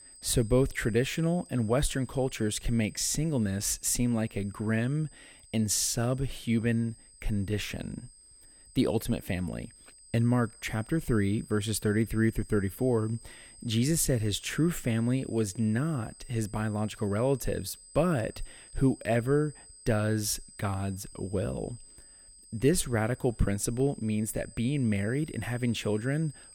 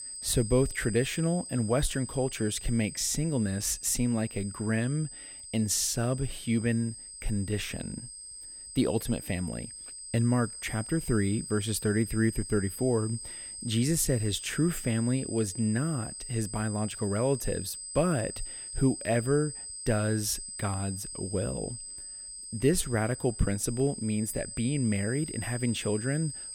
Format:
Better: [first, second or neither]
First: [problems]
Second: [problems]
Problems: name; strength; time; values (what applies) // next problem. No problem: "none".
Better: first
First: high-pitched whine; faint; throughout; 8 kHz, 20 dB below the speech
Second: high-pitched whine; loud; throughout; 8 kHz, 9 dB below the speech